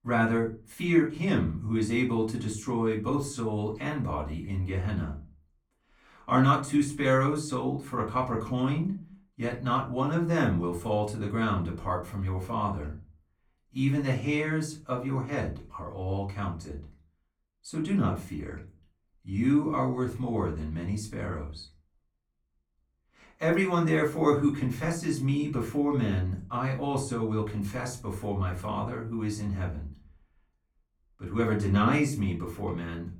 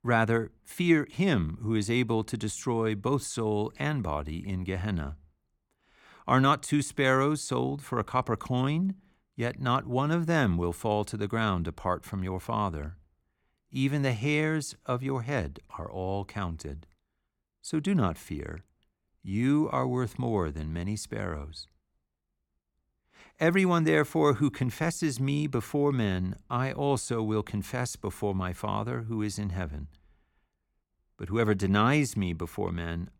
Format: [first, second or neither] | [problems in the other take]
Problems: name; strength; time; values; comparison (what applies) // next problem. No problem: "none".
second | off-mic speech; far // room echo; slight; dies away in 0.3 s